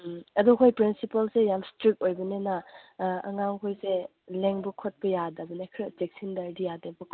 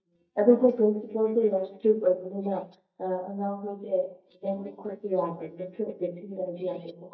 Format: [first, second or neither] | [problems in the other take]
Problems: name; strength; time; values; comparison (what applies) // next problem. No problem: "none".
first | noise reduction (neural mask model DeepFilterNet 3)